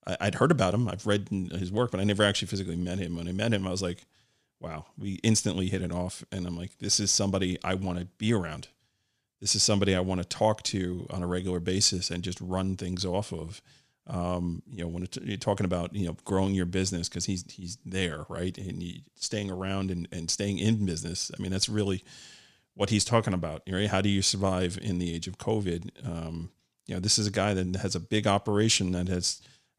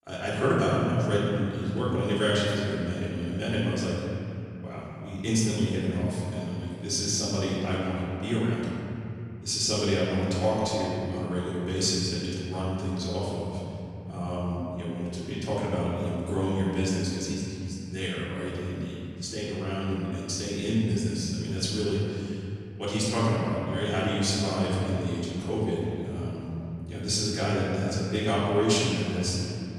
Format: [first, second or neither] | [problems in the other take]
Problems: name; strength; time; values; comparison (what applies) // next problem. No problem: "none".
first | off-mic speech; far // room echo; strong; dies away in 3 s